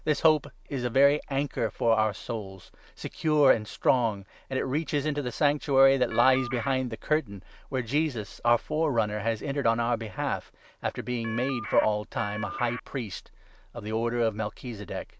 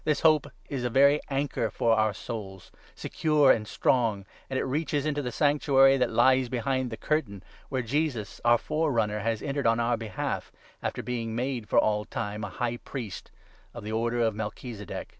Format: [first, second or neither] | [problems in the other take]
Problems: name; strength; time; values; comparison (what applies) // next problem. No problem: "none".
second | background sound (Telephone); 9 dB below the speech